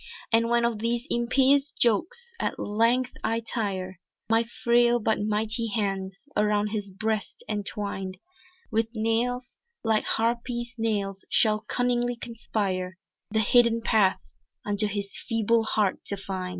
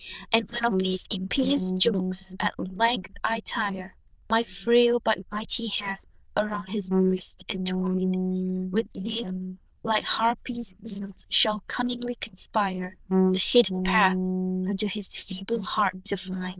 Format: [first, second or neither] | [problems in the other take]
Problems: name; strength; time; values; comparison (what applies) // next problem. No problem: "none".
first | noise reduction (neural diffusion model UNIVERSE++)